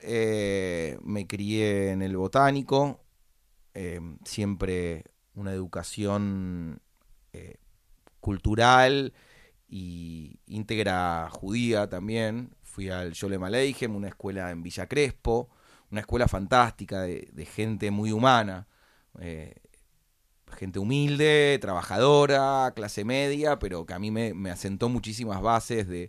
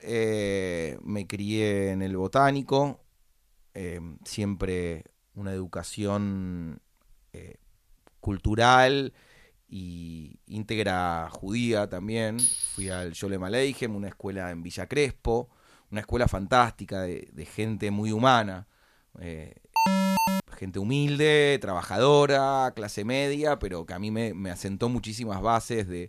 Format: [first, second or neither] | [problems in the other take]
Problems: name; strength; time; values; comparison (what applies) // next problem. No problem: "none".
first | clattering dishes; loud; at 12 s; peak 4 dB above the speech // alarm; loud; at 20 s; peak 4 dB above the speech